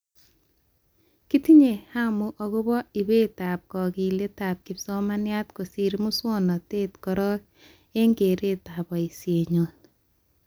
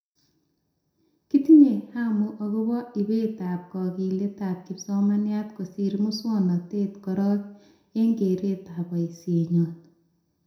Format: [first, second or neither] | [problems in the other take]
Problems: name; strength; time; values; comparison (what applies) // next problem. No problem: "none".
first | room echo; dies away in 0.6 s